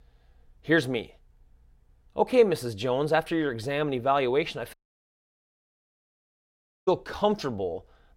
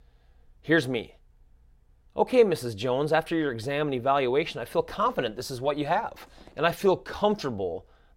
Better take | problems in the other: second | audio cutting out; at 4.5 s for 2 s

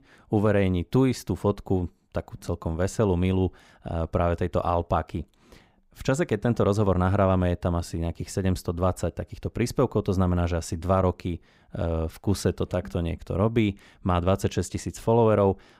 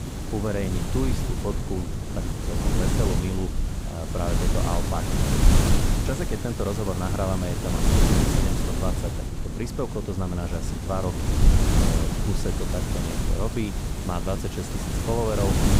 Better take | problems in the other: first | wind noise on the microphone; heavy; 1 dB above the speech

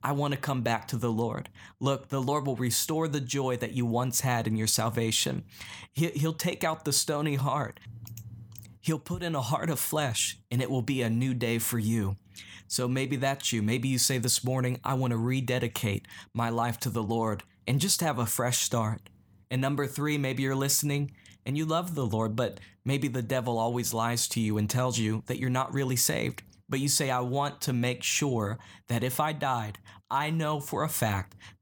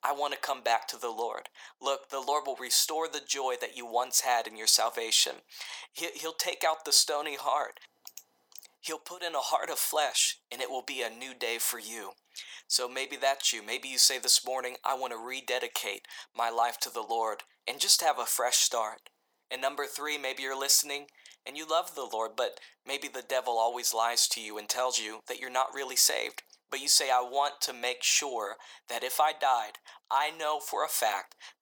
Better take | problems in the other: first | thin; very; fading below 450 Hz

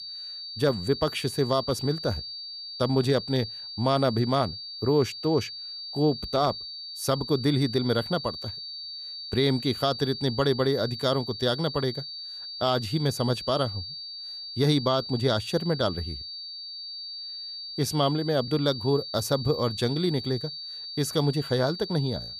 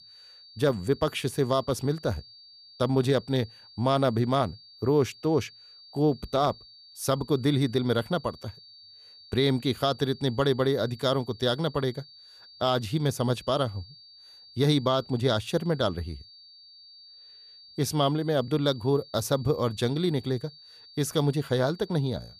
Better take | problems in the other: second | high-pitched whine; loud; throughout; 4.5 kHz, 9 dB below the speech; faint in the second

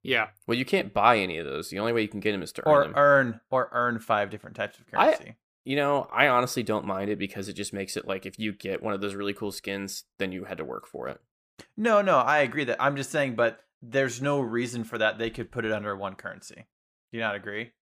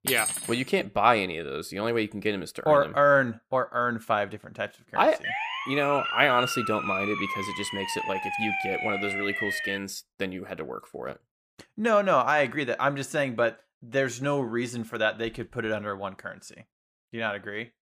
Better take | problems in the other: first | clattering dishes; loud; at the start; peak level with the speech // siren; noticeable; from 5 to 10 s; peak 1 dB below the speech

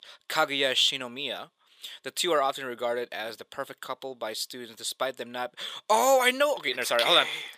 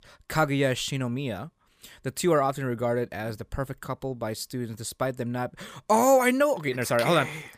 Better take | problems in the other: second | thin; somewhat; fading below 450 Hz

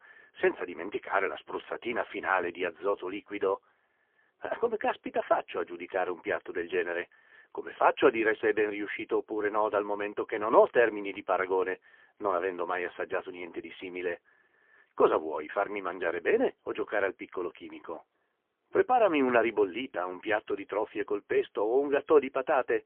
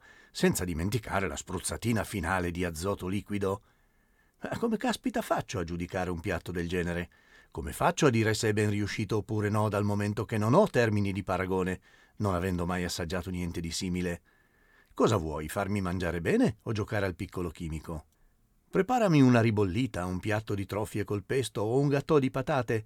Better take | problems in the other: second | phone-call audio; poor line; nothing above 3 kHz

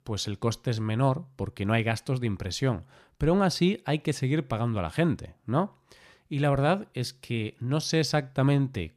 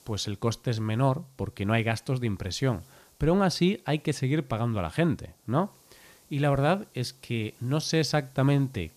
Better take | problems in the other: first | hiss; faint; throughout; 30 dB below the speech

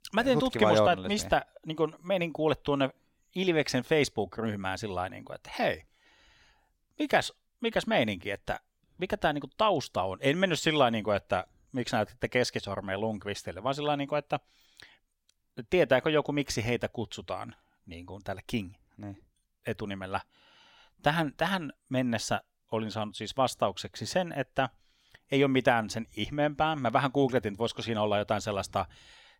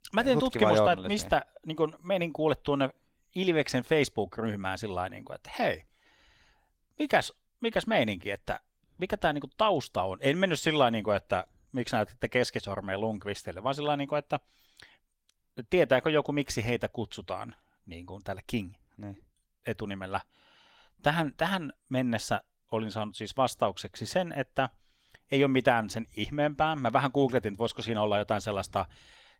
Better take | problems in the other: first | garbled, watery; slightly; nothing above 16.5 kHz

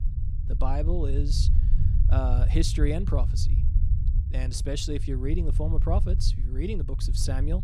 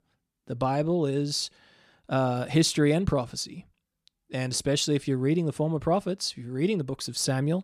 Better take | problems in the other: second | low rumble; loud; throughout; 9 dB below the speech

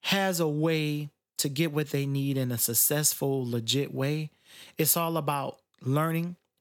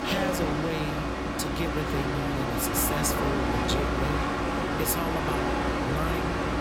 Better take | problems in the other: first | machinery noise; very loud; throughout; 3 dB above the speech

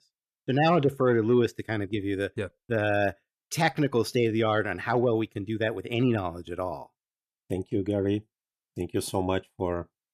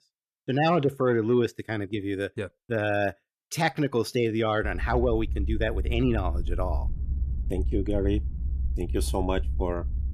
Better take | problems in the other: first | low rumble; faint; from 4.5 s on; 20 dB below the speech

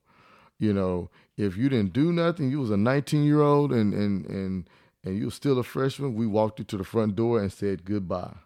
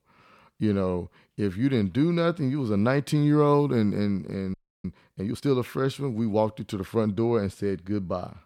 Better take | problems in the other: first | audio freezing; at 4.5 s

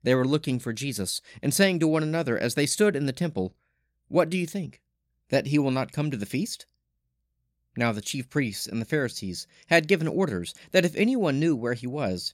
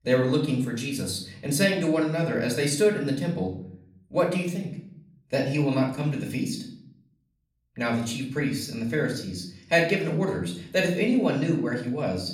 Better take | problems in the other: first | room echo; slight; dies away in 0.5 s // off-mic speech; far

